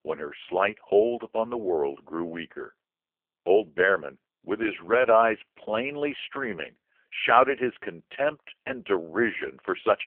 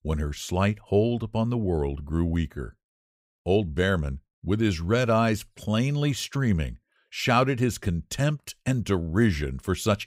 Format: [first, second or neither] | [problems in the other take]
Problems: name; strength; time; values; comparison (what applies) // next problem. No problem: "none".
second | phone-call audio; poor line; nothing above 3 kHz